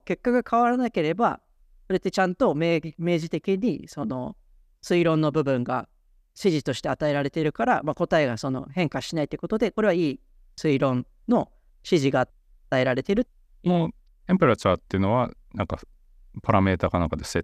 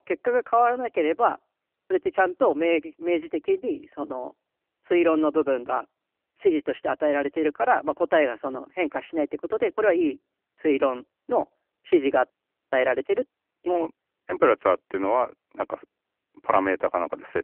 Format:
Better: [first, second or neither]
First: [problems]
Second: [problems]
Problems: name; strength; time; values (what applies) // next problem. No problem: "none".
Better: first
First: none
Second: phone-call audio; poor line; nothing above 3 kHz